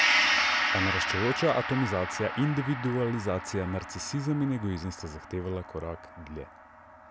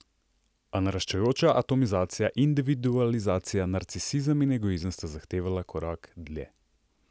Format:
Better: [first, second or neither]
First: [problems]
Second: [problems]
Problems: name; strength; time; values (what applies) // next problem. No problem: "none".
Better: second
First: background sound (Gong); 1 dB below the speech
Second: none